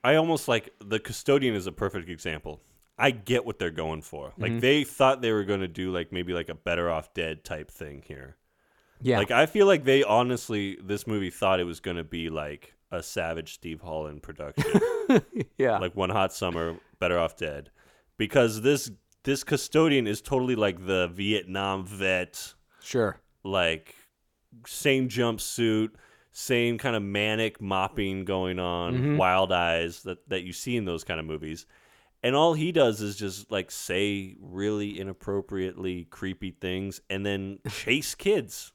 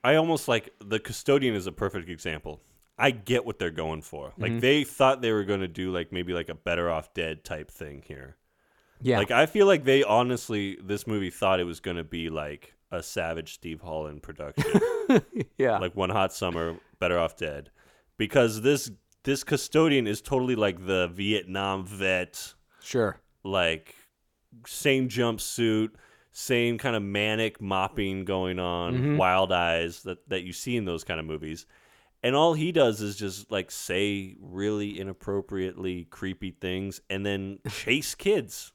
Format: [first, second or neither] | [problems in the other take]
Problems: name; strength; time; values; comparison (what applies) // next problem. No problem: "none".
neither | none